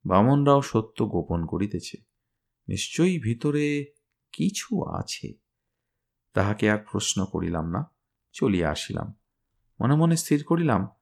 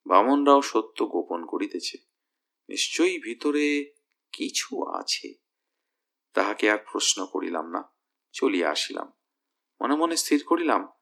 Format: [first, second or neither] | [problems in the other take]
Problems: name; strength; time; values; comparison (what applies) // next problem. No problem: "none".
first | thin; somewhat; fading below 250 Hz